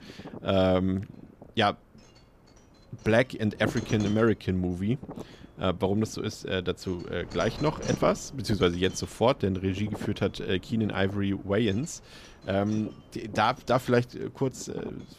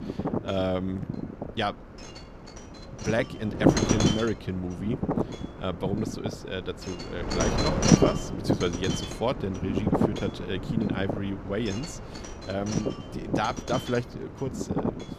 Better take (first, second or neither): first